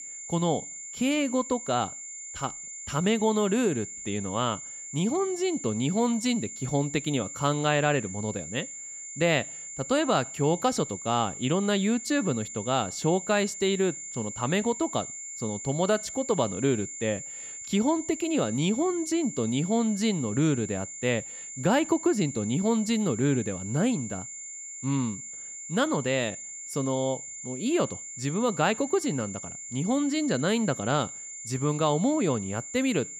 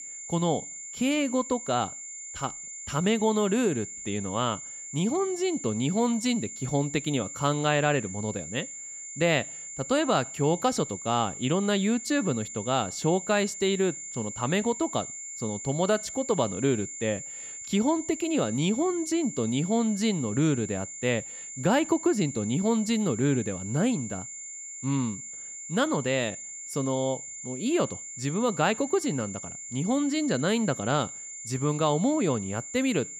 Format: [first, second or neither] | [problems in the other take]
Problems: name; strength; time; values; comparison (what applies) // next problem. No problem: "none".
neither | high-pitched whine; loud; throughout; 7 kHz, 9 dB below the speech; the same in both